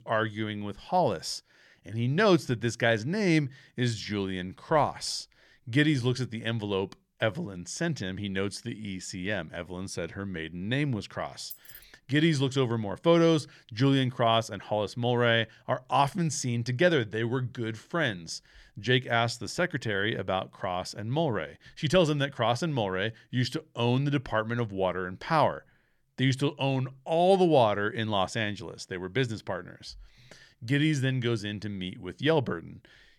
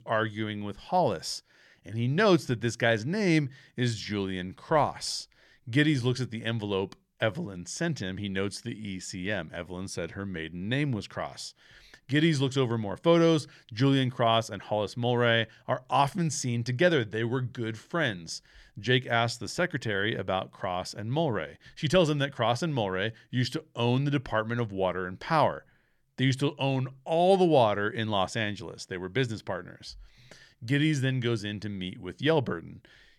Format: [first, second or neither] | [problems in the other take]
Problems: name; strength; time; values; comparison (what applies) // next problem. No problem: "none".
second | jangling keys; faint; at 12 s; peak 15 dB below the speech